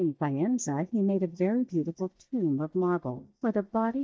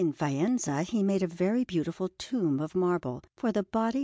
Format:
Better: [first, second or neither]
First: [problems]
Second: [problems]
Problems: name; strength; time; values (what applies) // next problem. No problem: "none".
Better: second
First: noise reduction (neural mask model DeepFilterNet 3)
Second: none